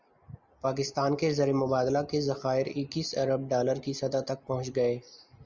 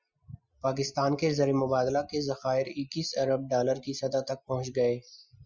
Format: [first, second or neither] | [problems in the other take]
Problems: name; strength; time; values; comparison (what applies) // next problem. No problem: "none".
first | noise reduction (classical method Wiener filter)